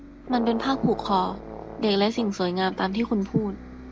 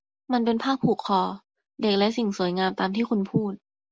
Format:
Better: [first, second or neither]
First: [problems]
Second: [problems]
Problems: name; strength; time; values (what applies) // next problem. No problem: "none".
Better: second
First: background sound (Brass instrument + Bus); 12 dB below the speech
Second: none